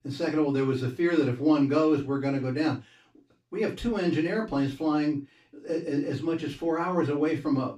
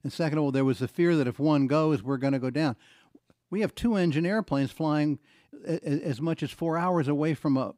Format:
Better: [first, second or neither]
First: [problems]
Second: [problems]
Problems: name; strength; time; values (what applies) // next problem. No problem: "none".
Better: second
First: room echo; slight; dies away in 0.2 s // off-mic speech; far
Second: none